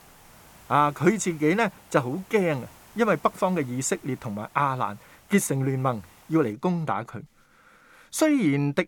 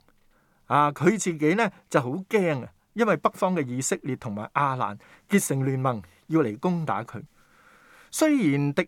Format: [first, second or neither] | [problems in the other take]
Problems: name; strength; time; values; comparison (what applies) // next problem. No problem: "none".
second | hiss; faint; until 6.5 s; 25 dB below the speech